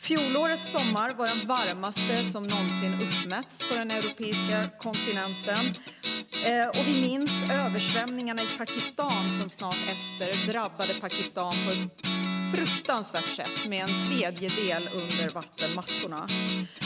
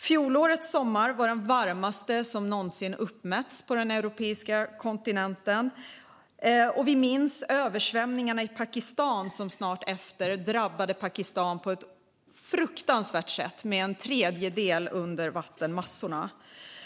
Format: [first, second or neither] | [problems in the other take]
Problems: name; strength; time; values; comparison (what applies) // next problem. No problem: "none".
second | background sound (Guitar); 1 dB below the speech